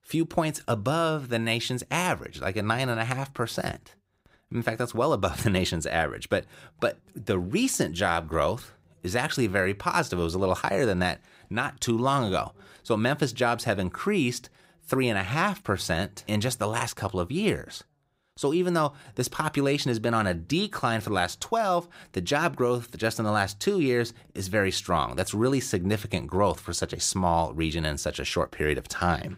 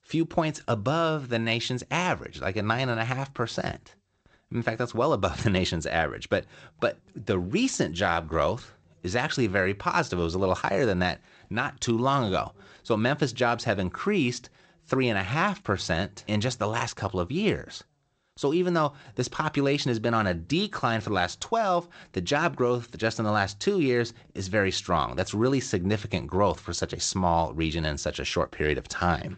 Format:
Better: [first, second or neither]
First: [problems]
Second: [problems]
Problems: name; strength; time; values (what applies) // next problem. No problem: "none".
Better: first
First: none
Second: garbled, watery; slightly; nothing above 8 kHz